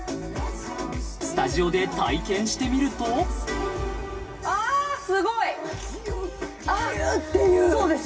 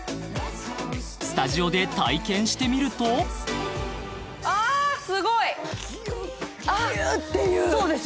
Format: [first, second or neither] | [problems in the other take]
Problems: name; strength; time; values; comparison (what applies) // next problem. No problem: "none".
second | room echo; dies away in 2.5 s